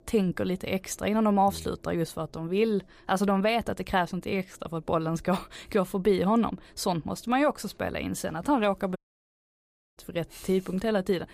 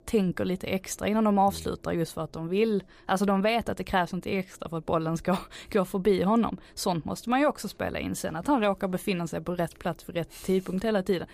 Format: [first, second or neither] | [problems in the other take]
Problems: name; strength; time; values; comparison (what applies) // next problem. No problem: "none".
second | audio cutting out; at 9 s for 1 s